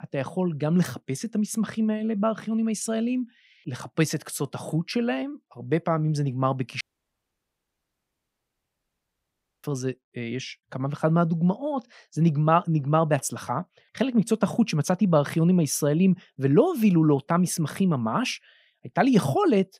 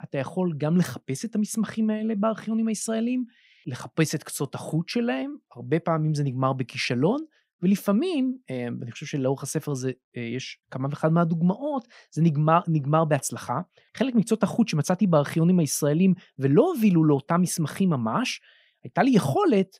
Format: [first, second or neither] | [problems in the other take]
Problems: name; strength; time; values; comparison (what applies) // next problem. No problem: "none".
second | audio cutting out; at 7 s for 3 s